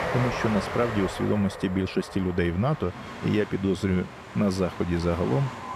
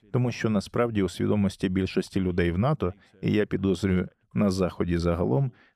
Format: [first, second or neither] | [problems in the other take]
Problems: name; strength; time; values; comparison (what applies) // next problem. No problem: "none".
second | train or aircraft noise; loud; throughout; 9 dB below the speech